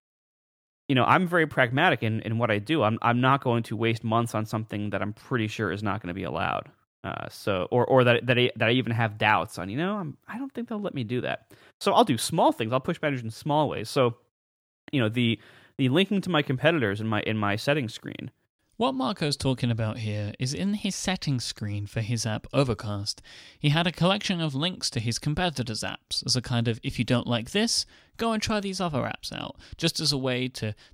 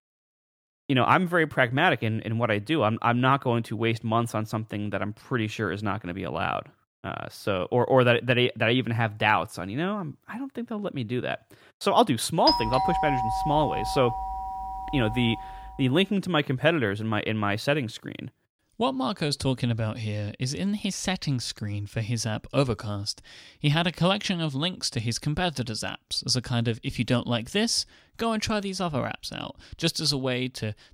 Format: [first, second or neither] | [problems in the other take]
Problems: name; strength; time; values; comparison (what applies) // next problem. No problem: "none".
first | doorbell; loud; from 12 to 15 s; peak 2 dB above the speech